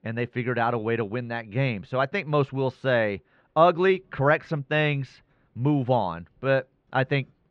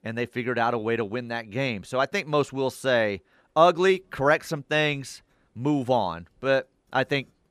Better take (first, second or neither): second